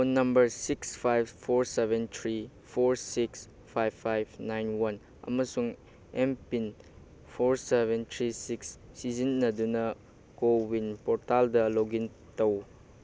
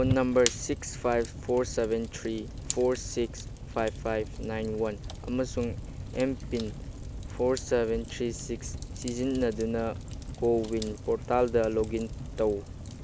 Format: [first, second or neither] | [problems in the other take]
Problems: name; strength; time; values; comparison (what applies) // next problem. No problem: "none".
first | background sound (Fire); 8 dB below the speech